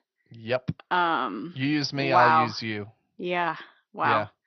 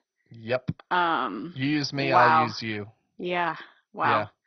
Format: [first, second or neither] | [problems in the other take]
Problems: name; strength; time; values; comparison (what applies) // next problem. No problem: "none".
first | garbled, watery; badly; nothing above 5.5 kHz; slightly in the first